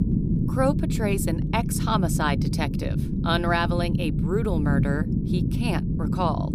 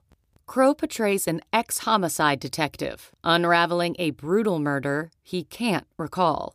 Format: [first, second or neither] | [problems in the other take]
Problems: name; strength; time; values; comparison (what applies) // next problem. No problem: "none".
second | low rumble; loud; throughout; 7 dB below the speech